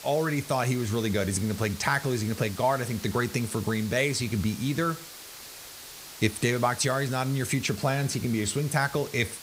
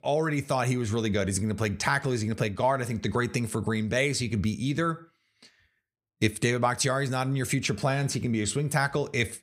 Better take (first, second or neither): second